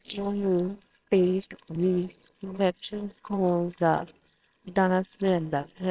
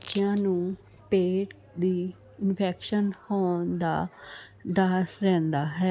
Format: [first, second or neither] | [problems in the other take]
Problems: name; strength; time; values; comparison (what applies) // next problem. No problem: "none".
second | noise reduction (neural separator model SepFormer WHAMR!)